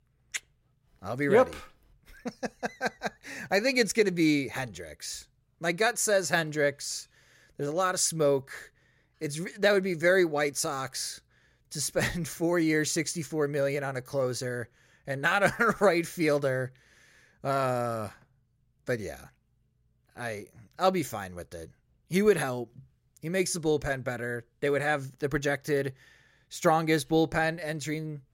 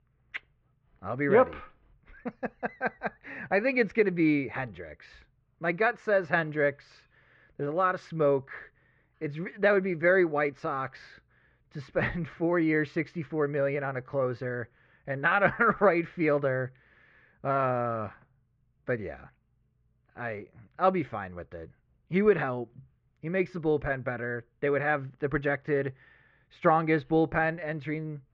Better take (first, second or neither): first